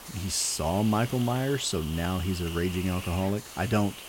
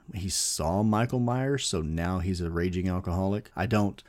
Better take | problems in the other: second | hiss; noticeable; throughout; 10 dB below the speech

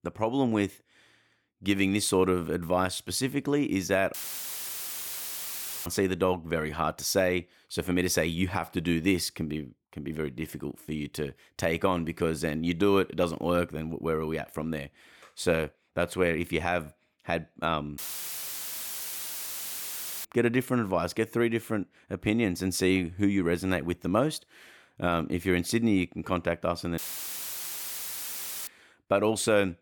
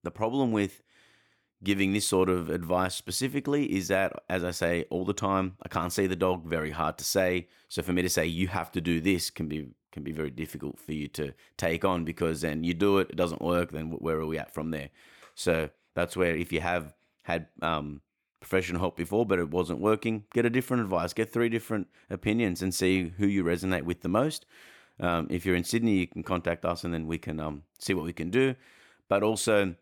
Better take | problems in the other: second | audio cutting out; filled with static; at 4 s for 1.5 s, at 18 s for 2.5 s and at 27 s for 1.5 s

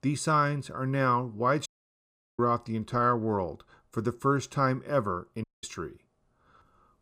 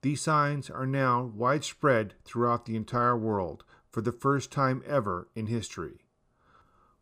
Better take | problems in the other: second | audio cutting out; at 1.5 s for 0.5 s and at 5.5 s

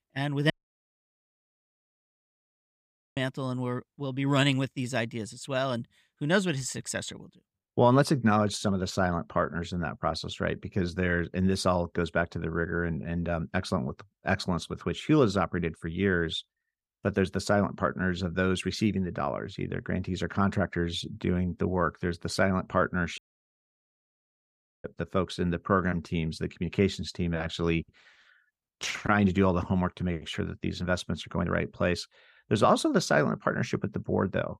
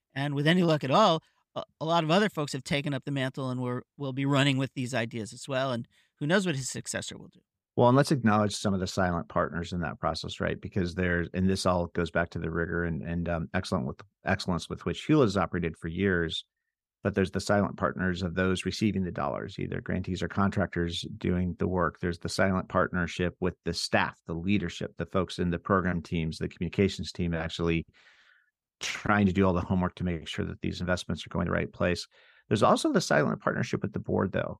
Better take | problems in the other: second | audio cutting out; at 0.5 s for 2.5 s and at 23 s for 1.5 s

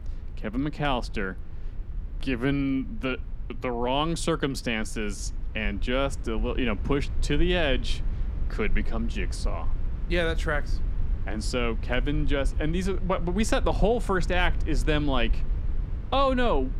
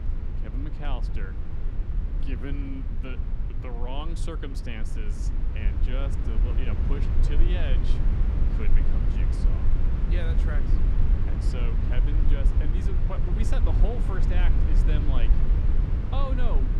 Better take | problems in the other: first | low rumble; loud; throughout; 2 dB below the speech; faint in the first

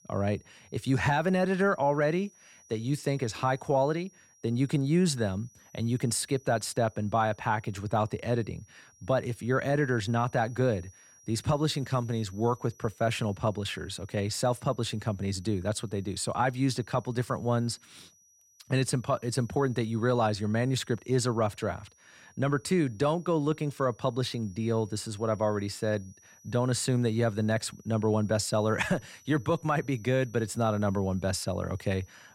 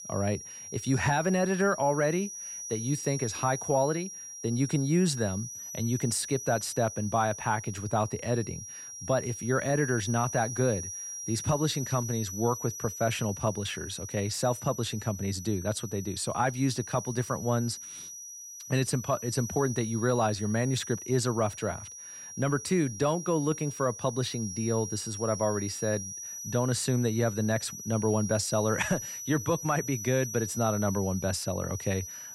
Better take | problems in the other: first | high-pitched whine; loud; throughout; 6 kHz, 8 dB below the speech; faint in the first

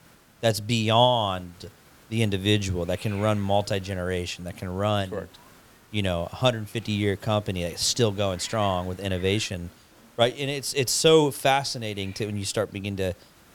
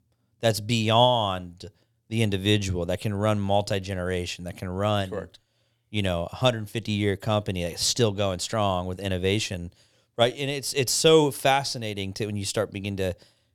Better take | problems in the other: second | hiss; faint; throughout; 25 dB below the speech

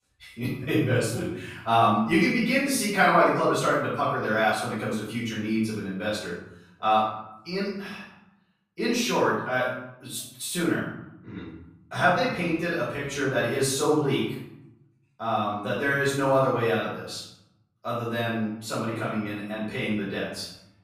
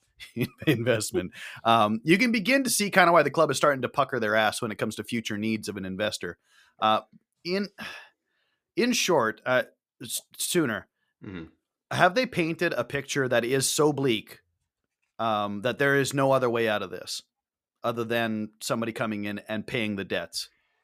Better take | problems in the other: second | off-mic speech; far // room echo; noticeable; dies away in 0.8 s

